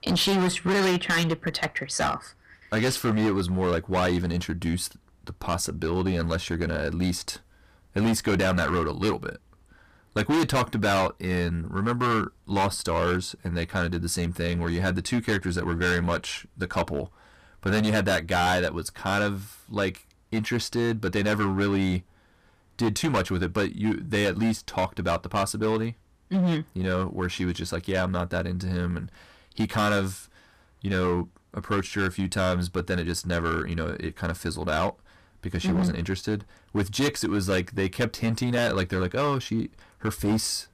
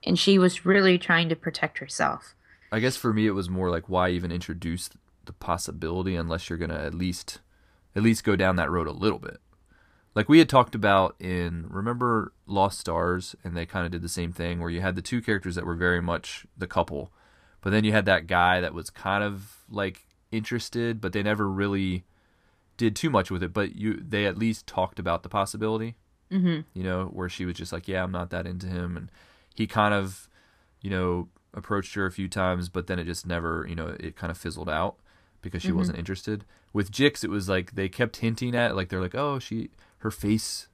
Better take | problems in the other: second | distortion; heavy; 11% of the sound clipped

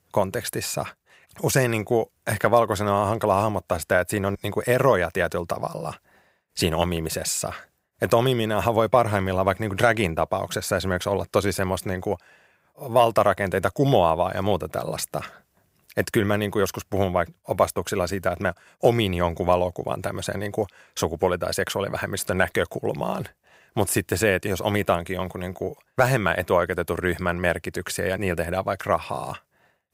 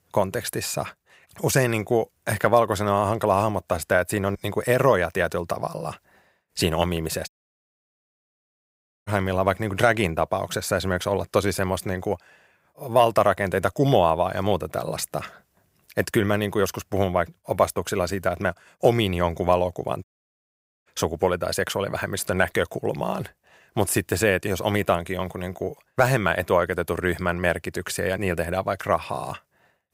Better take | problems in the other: first | audio cutting out; at 7.5 s for 2 s and at 20 s for 1 s

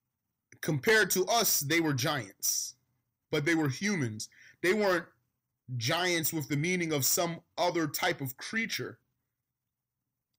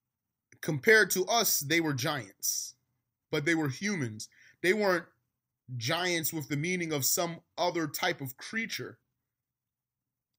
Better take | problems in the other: second | distortion; slight; 10 dB below the speech

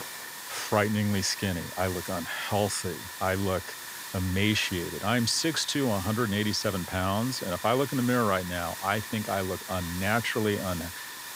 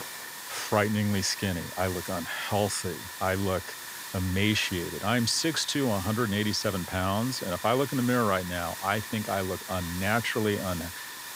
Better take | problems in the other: neither | hiss; loud; throughout; 9 dB below the speech; the same in both

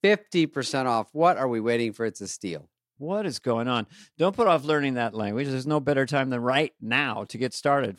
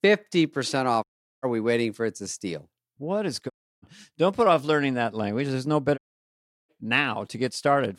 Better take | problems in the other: first | audio cutting out; at 1 s, at 3.5 s and at 6 s for 0.5 s

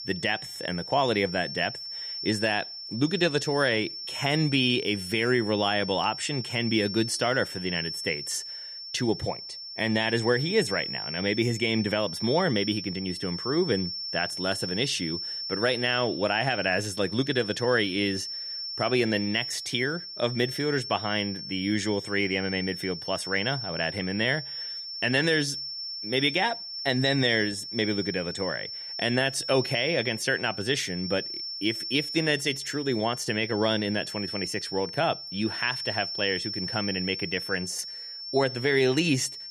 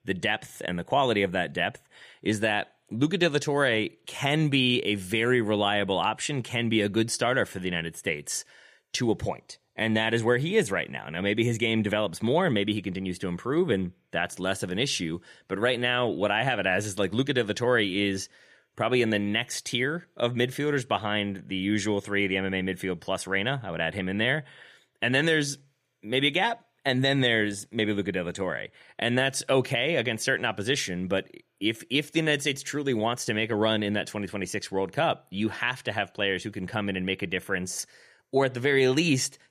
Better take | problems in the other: second | high-pitched whine; loud; throughout; 5.5 kHz, 6 dB below the speech

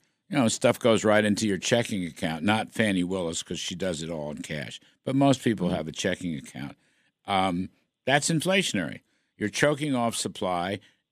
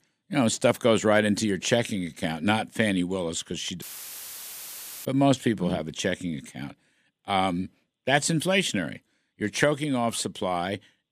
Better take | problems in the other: first | audio cutting out; filled with static; at 4 s for 1 s

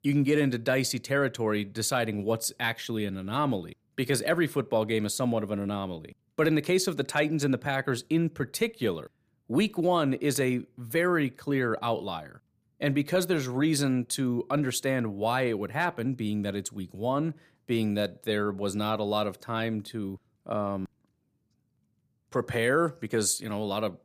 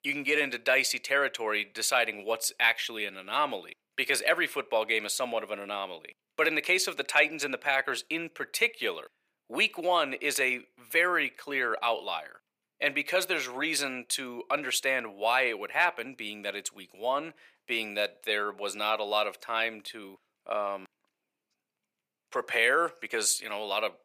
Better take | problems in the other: first | thin; very; fading below 650 Hz

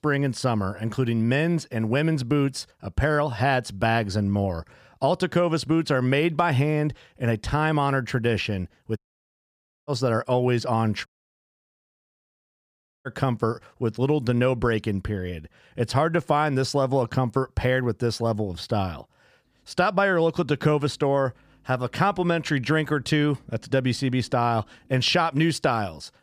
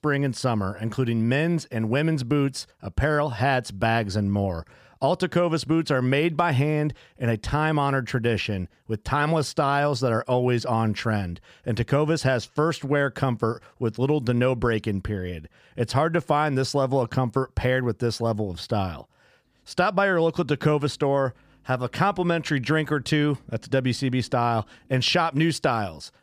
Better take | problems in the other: second | audio cutting out; at 9 s for 1 s and at 11 s for 2 s

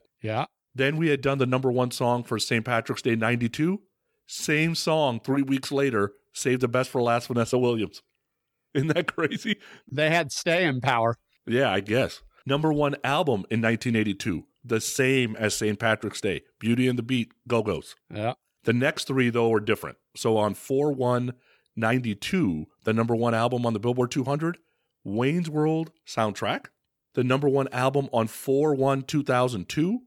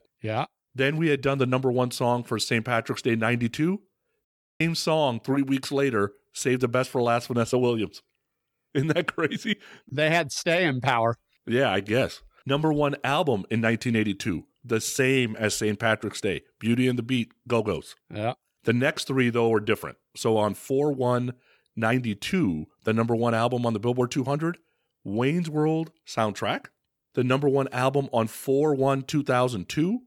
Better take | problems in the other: first | audio cutting out; at 4.5 s

